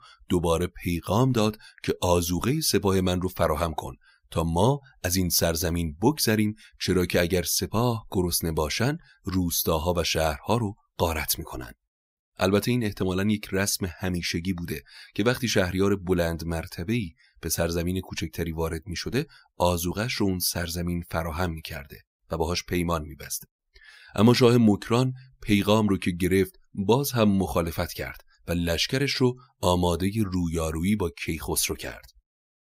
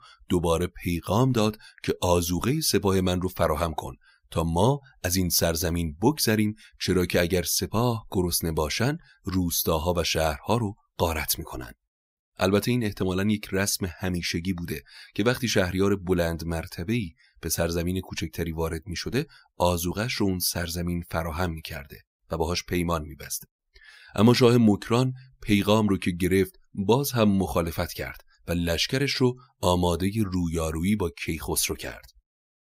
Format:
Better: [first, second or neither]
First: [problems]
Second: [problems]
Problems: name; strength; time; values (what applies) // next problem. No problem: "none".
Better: neither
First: none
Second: none